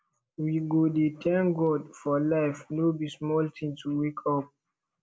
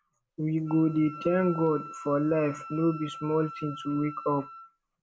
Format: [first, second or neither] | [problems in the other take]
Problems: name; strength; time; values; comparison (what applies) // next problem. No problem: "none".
first | background sound (Wind instrument, woodwind instrument); 14 dB below the speech